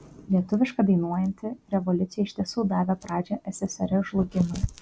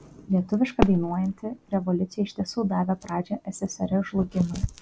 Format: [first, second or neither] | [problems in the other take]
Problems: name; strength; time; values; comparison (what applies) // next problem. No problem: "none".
first | background sound (Fireworks); 9 dB below the speech